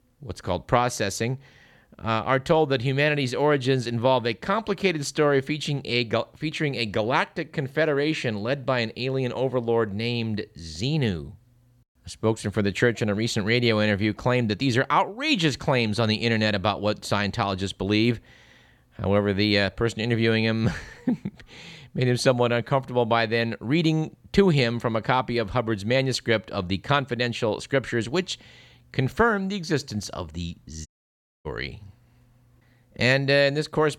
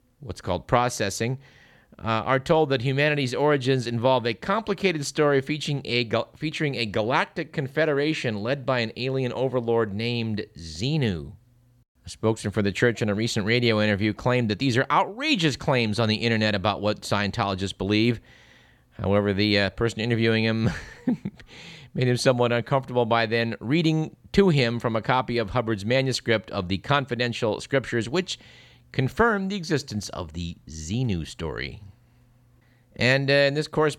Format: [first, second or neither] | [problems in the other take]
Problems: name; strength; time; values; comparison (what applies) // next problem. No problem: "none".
second | audio cutting out; at 31 s for 0.5 s